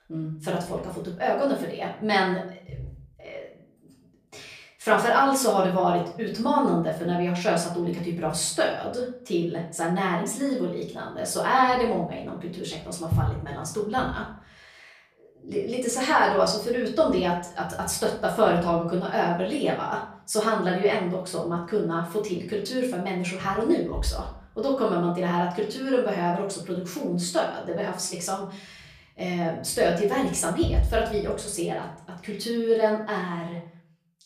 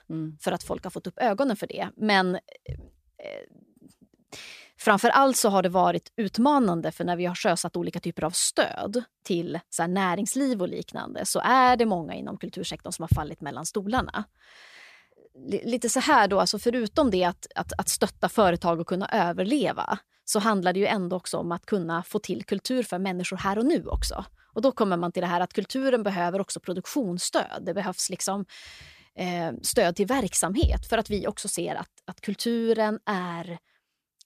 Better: second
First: room echo; slight; dies away in 0.5 s // off-mic speech; far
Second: none

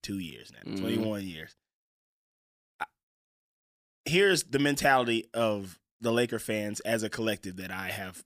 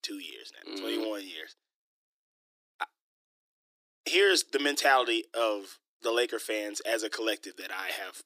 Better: first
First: none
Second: thin; somewhat; fading below 300 Hz

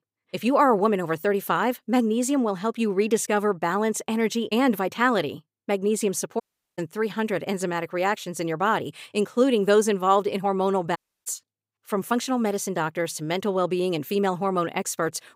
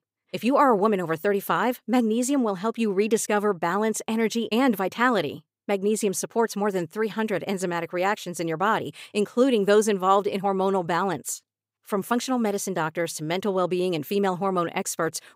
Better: second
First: audio cutting out; at 6.5 s and at 11 s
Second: none

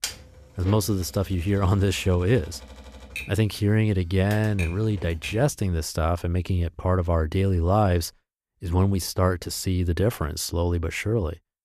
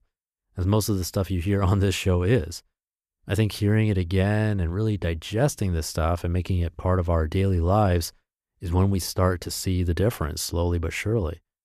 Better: second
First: keyboard typing; noticeable; until 5.5 s; peak 7 dB below the speech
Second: none

